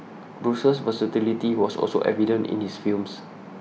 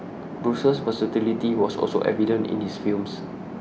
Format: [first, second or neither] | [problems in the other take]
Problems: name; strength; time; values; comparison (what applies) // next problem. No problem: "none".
first | background sound (Chatter / Traffic noise, roadway noise / Train); 10 dB below the speech